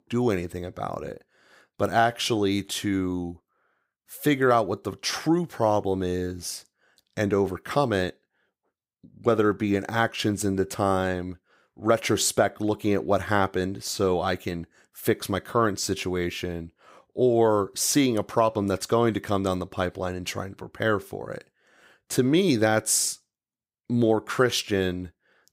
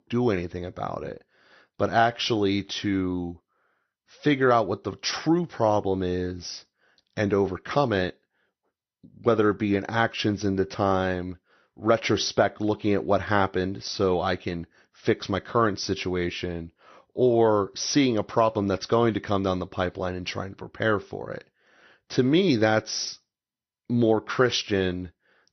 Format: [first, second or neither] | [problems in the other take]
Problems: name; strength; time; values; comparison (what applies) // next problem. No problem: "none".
first | garbled, watery; slightly; nothing above 6 kHz